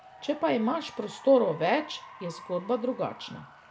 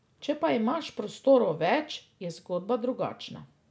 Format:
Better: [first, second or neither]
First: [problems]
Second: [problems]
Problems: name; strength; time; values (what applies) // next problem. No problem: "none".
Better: second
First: background sound (Applause / Cheering); 19 dB below the speech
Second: none